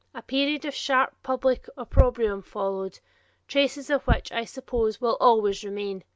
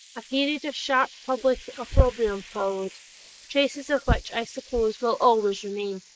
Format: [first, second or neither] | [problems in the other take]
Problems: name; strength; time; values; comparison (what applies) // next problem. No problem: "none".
first | noise reduction (neural mask model Resemble Enhance denoiser)